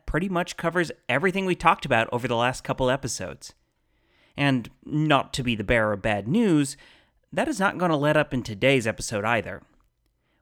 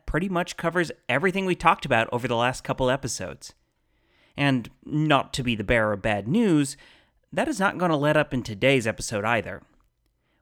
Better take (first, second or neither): neither